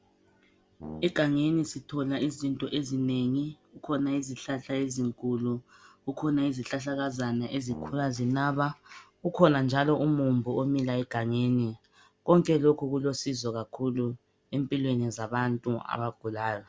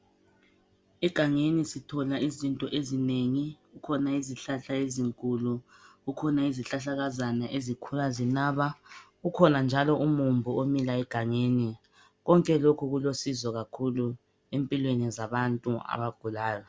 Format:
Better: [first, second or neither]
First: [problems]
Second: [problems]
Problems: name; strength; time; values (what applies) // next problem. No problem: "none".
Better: second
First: background sound (Brass instrument); 17 dB below the speech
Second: none